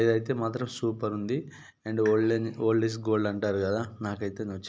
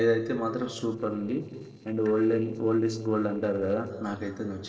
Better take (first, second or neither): first